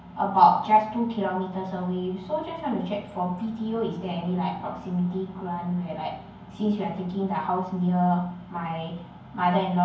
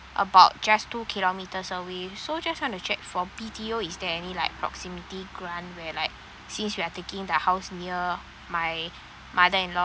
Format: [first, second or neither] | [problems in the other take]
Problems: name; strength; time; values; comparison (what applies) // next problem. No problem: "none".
second | room echo; dies away in 0.9 s